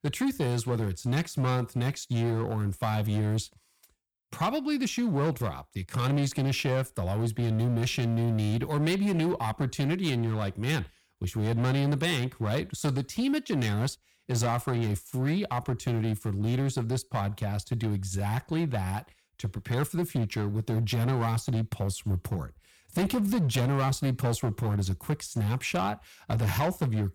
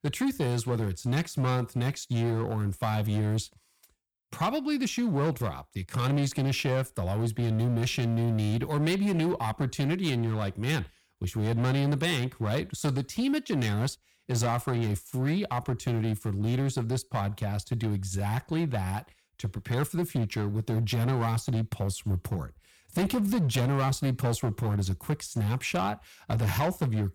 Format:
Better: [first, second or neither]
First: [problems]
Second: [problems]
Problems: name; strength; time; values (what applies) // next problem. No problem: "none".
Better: neither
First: distortion; slight; 13% of the sound clipped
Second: distortion; slight; 13% of the sound clipped